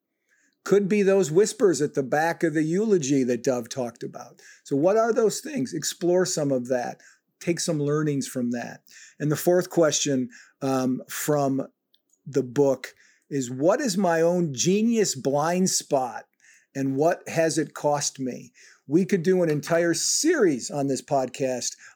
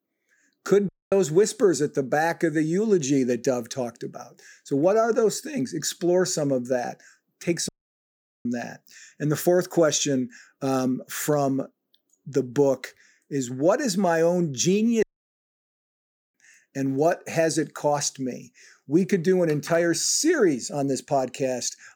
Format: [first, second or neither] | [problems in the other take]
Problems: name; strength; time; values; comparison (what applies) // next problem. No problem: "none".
first | audio cutting out; at 1 s, at 7.5 s for 1 s and at 15 s for 1.5 s